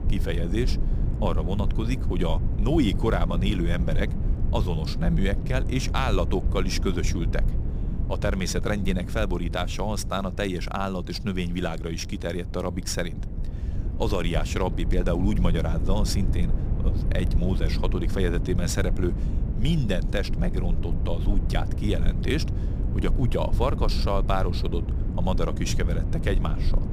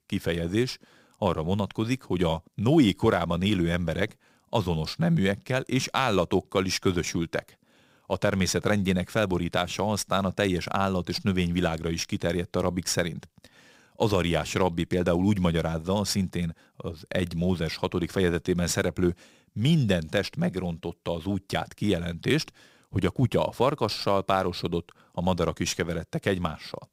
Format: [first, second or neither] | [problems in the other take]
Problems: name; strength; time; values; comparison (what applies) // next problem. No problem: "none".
second | low rumble; noticeable; throughout; 10 dB below the speech